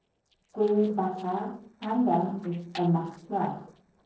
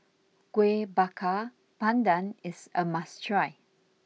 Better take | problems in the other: second | noise reduction (neural separator model SepFormer DNS4)

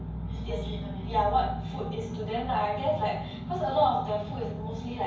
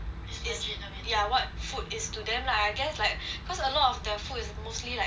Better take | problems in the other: second | room echo; dies away in 0.9 s

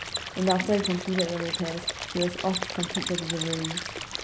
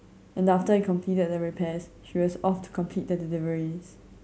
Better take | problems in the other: second | background sound (Mechanisms + Stream / Liquid); 4 dB below the speech

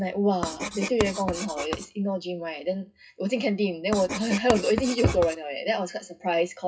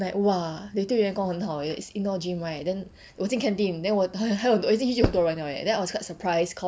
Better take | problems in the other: second | noise reduction (classical method WPE with log-MMSE)

